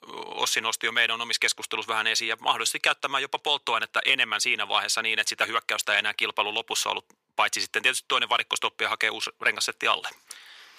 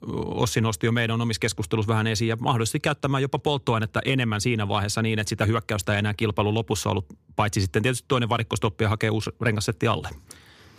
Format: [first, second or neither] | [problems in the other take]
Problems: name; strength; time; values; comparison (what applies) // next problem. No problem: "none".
second | thin; very; fading below 800 Hz